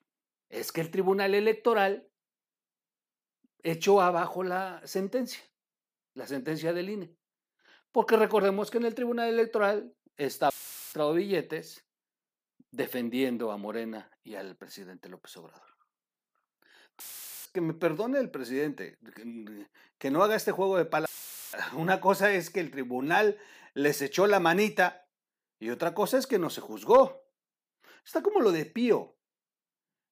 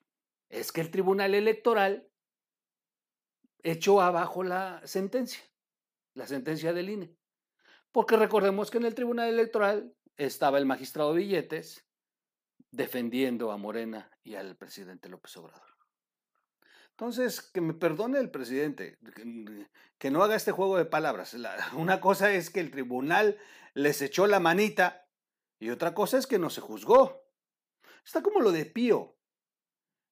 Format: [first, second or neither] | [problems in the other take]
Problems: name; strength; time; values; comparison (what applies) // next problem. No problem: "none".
second | audio cutting out; filled with static; at 11 s, at 17 s and at 21 s